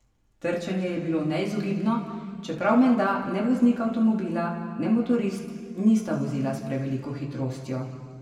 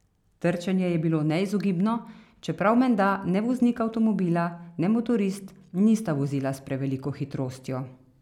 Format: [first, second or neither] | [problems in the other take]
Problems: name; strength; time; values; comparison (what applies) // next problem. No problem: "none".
second | room echo; dies away in 2 s